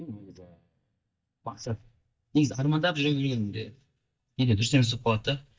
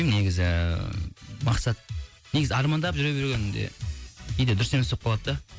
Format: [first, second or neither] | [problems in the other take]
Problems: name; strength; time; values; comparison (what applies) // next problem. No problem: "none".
second | noise reduction (neural mask model DeepFilterNet 3)